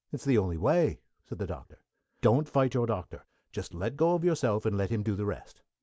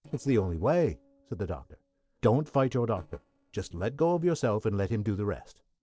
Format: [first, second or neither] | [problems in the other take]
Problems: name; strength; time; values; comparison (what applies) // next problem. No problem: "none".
first | noise reduction (neural separator model SepFormer DNS4)